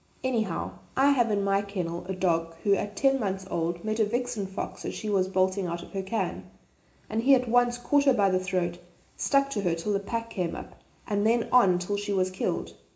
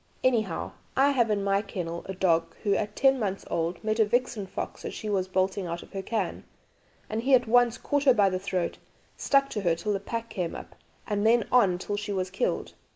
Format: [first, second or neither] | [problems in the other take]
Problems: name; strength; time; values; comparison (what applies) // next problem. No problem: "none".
second | room echo; dies away in 0.4 s